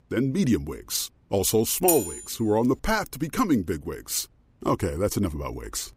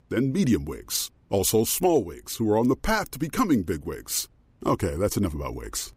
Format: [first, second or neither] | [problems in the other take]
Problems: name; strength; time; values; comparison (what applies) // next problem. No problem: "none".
second | clattering dishes; loud; at 2 s; peak 1 dB above the speech